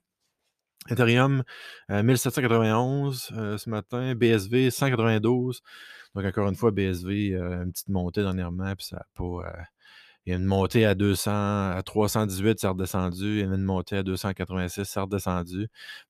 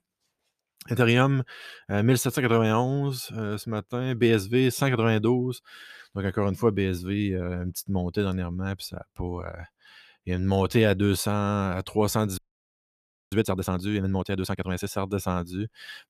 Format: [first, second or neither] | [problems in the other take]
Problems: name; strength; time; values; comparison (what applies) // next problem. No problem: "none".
first | audio freezing; at 12 s for 1 s